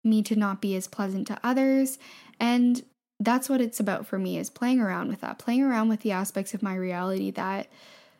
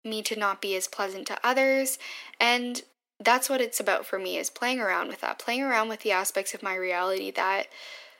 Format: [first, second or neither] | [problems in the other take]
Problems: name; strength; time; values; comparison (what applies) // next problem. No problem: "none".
first | thin; very; fading below 400 Hz